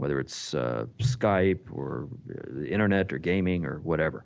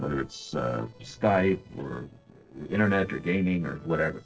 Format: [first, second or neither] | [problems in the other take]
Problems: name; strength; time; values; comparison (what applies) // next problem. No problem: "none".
first | noise reduction (neural separator model SepFormer DNS4)